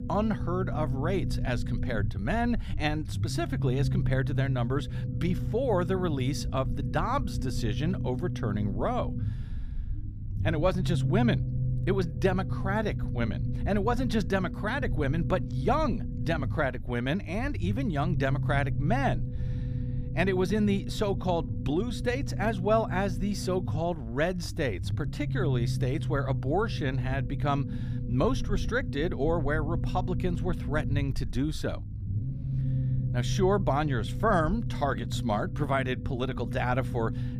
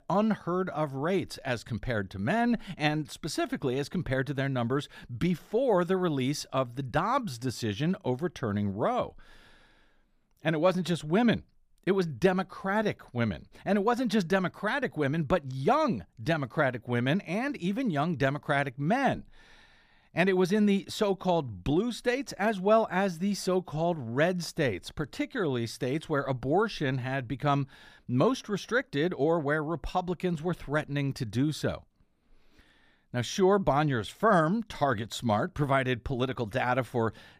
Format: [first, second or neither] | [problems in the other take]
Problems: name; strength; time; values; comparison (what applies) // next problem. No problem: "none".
second | low rumble; noticeable; throughout; 10 dB below the speech